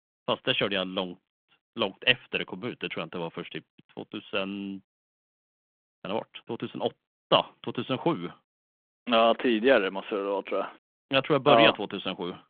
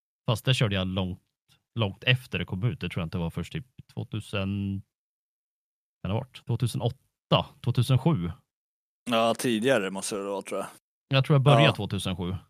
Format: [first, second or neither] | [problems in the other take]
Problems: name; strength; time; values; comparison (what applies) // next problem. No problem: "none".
second | phone-call audio